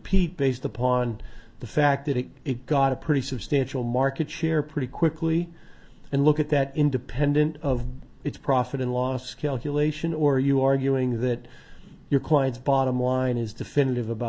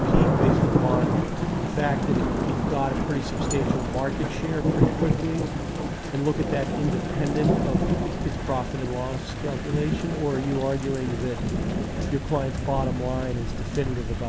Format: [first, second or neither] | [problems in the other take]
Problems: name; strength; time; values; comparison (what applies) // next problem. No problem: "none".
first | background sound (Thunder / Rain); 3 dB above the speech